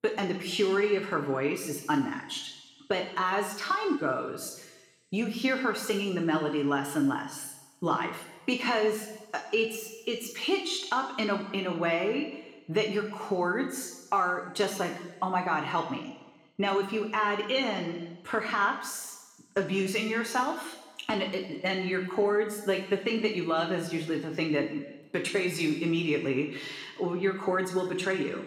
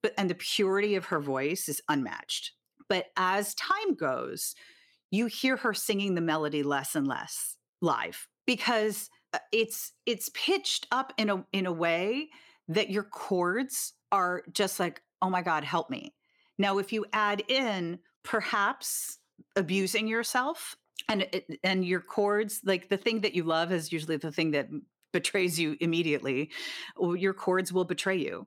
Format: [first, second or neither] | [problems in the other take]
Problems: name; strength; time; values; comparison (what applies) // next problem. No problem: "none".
second | room echo; noticeable; dies away in 1.1 s // off-mic speech; somewhat distant